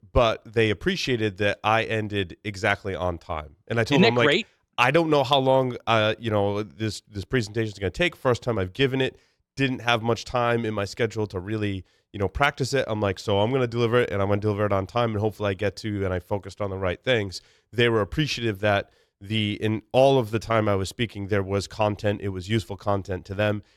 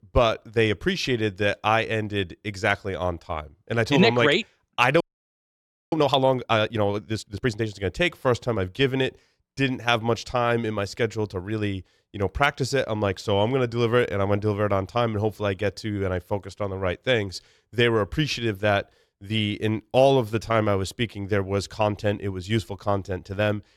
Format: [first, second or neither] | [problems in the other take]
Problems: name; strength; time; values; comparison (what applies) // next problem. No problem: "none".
first | audio freezing; at 5 s for 1 s